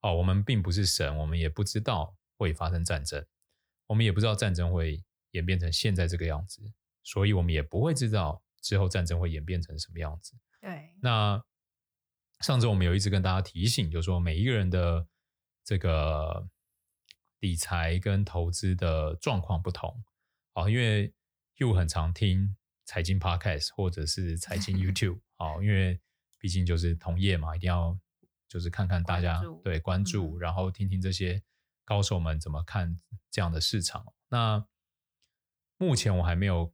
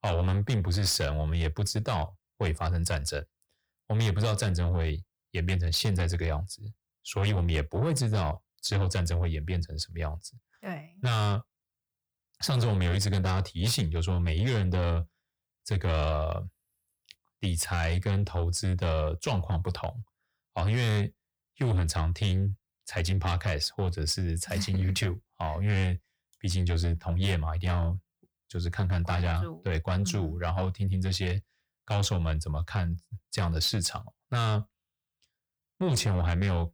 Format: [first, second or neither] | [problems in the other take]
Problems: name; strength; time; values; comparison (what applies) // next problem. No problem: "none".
first | distortion; slight; 10 dB below the speech